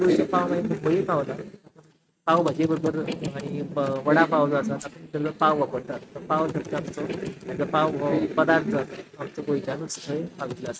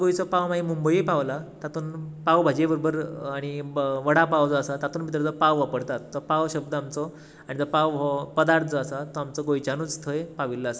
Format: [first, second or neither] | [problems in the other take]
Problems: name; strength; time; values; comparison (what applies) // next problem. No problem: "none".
second | noise reduction (neural mask model RNNoise)